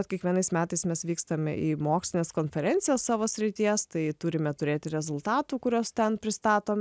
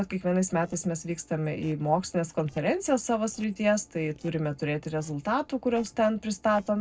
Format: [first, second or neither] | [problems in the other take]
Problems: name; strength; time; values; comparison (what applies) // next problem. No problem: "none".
first | noise reduction (neural separator model SepFormer DNS4)